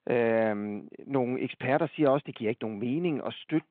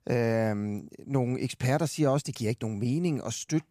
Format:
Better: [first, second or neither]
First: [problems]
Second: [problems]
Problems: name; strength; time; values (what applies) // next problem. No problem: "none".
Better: second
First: phone-call audio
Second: none